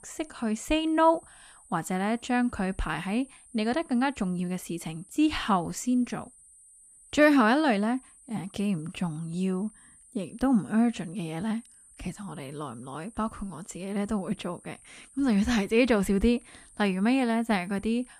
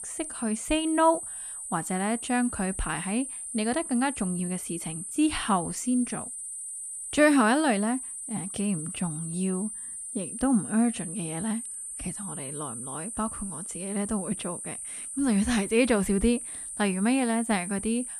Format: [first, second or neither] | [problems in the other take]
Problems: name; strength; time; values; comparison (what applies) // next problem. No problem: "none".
first | high-pitched whine; loud; throughout; 9 kHz, 7 dB below the speech; faint in the first